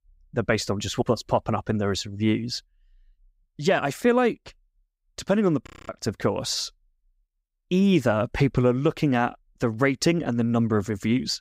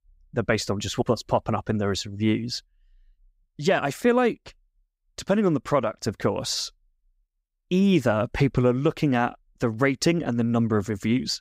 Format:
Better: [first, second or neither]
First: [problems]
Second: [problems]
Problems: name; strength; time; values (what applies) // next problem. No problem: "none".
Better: second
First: audio freezing; at 5.5 s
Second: none